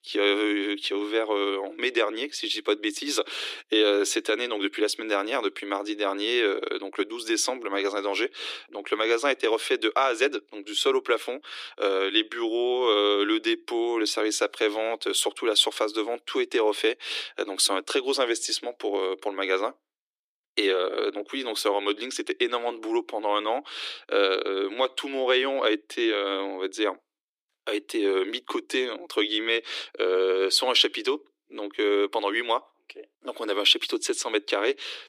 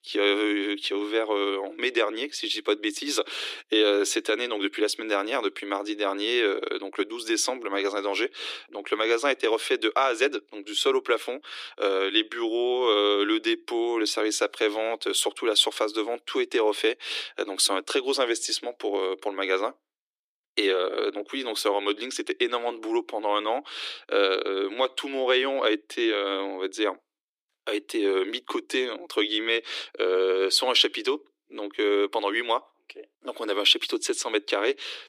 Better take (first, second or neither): neither